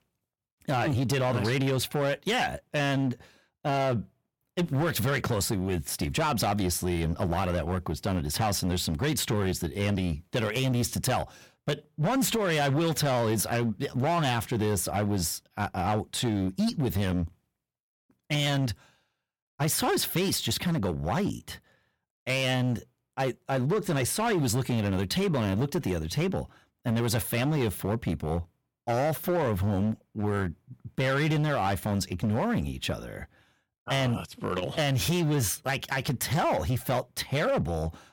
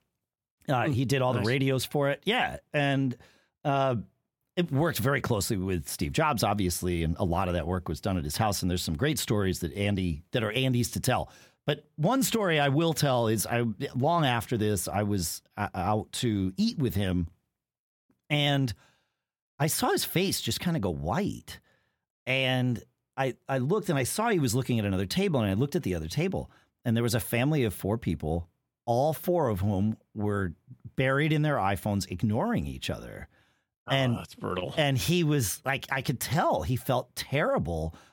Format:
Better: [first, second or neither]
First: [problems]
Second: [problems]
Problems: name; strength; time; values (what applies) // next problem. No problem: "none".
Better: second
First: distortion; slight; 13% of the sound clipped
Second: none